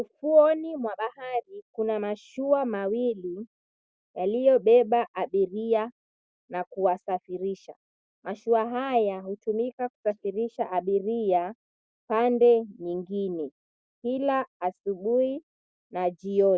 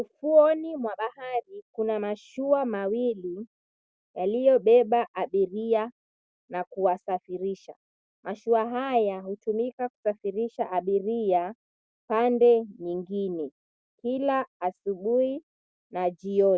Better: second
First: noise reduction (neural mask model Resemble Enhance denoiser)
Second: none

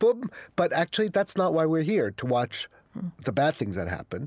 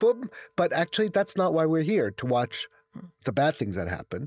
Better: first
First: none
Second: noise reduction (neural mask model DeepFilterNet 3)

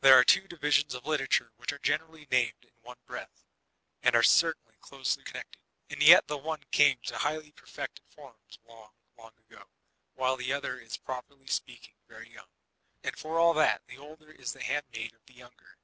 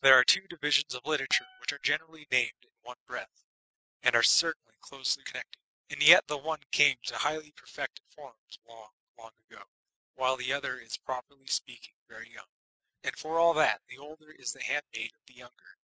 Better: first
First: none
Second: noise reduction (classical method spectral subtraction)

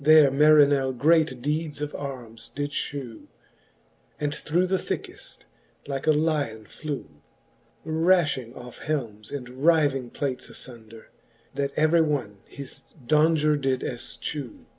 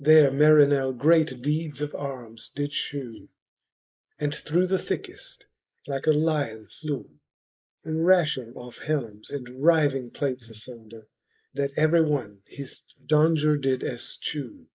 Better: first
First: none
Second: noise reduction (neural mask model Resemble Enhance denoiser)

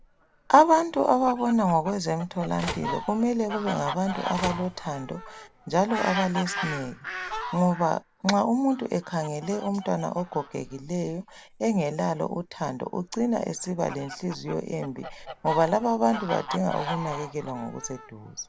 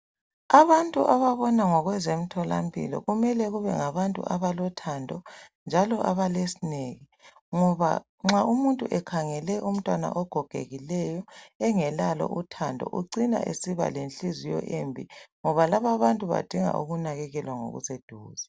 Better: second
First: background sound (Fowl + Telephone); 11 dB below the speech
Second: none

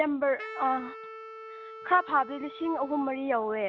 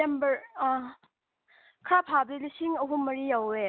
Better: second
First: background sound (Wind instrument, woodwind instrument); 15 dB below the speech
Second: none

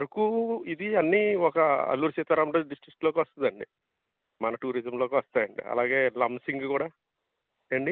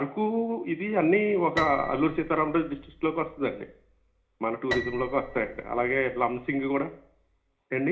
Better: first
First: none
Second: background sound (Piano); 13 dB below the speech // room echo; dies away in 0.4 s

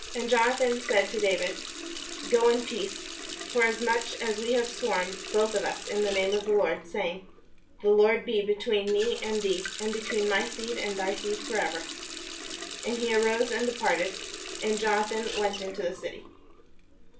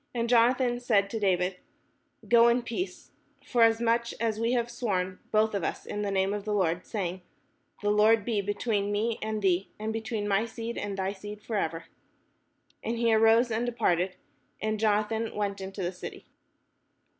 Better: second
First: background sound (Water tap, faucet); 10 dB below the speech // room echo; dies away in 0.3 s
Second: none

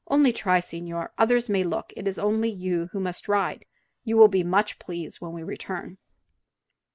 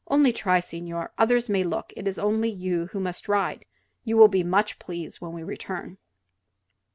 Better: second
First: noise reduction (neural mask model Resemble Enhance denoiser)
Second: none

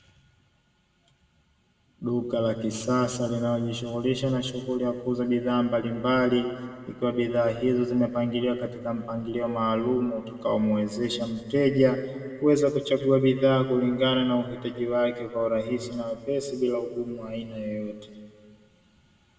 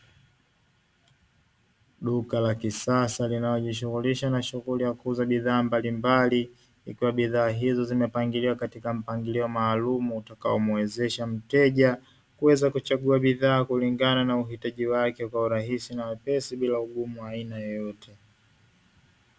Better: second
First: room echo; dies away in 1.7 s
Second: none

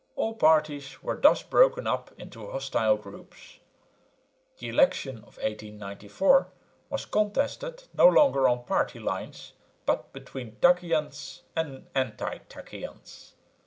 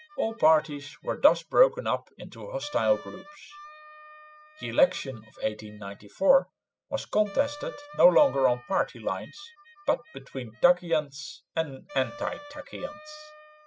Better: first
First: none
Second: noise reduction (classical method spectral subtraction)

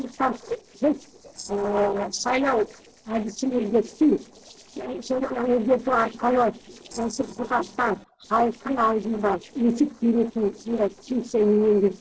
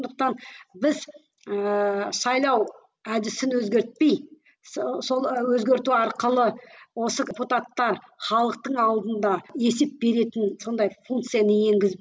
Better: second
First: noise reduction (neural separator model SepFormer DNS4)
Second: none

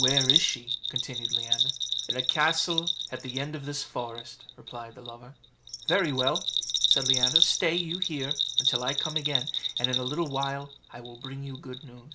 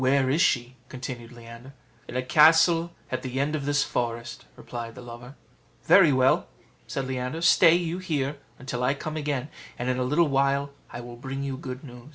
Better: second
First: background sound (Bell); 3 dB above the speech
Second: none

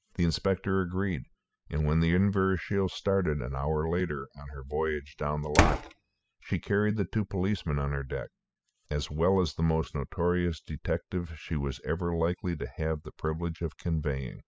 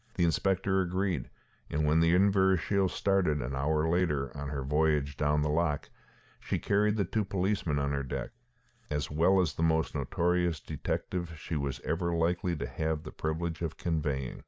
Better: second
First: noise reduction (classical method spectral subtraction)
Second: none

